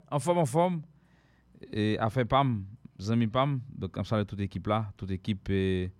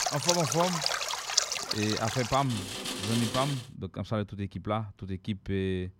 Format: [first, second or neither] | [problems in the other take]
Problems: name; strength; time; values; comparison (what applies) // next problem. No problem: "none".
first | rain or running water; very loud; until 3.5 s; 1 dB above the speech